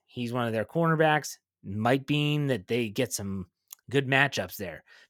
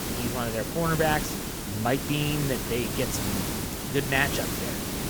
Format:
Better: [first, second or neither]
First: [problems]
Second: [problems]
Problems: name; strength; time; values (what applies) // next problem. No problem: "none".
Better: first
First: none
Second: hiss; loud; throughout; 2 dB below the speech